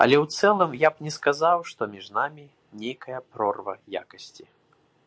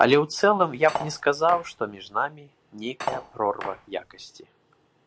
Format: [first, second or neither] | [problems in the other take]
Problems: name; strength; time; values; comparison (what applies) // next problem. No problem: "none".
first | background sound (Cutlery, silverware); 10 dB below the speech